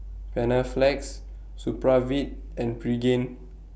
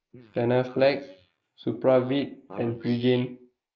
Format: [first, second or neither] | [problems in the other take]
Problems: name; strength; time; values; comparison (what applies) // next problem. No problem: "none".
first | noise reduction (neural mask model Resemble Enhance denoiser)